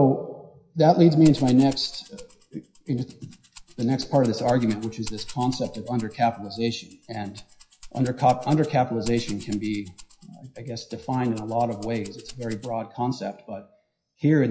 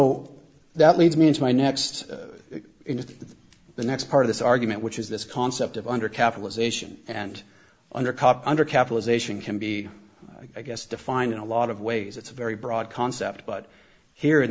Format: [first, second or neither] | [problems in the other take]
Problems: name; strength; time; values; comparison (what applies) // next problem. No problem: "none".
second | noise reduction (classical method WPE with log-MMSE)